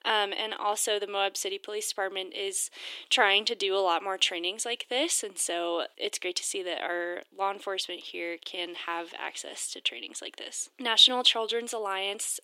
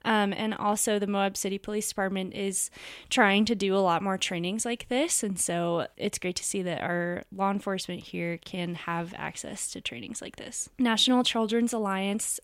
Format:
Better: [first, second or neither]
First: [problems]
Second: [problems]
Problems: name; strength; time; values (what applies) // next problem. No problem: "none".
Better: second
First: thin; very; fading below 300 Hz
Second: none